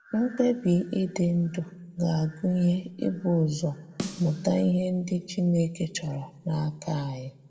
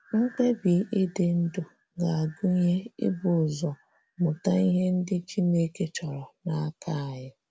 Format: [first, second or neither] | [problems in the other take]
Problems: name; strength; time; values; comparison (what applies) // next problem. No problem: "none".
second | background sound (Snare drum); 14 dB below the speech // room echo; dies away in 0.6 s